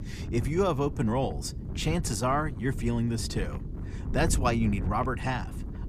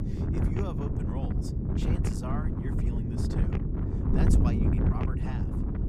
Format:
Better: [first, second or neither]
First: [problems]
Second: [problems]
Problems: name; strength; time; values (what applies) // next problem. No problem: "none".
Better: first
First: wind noise on the microphone; occasional gusts; 15 dB below the speech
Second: wind noise on the microphone; heavy; 5 dB above the speech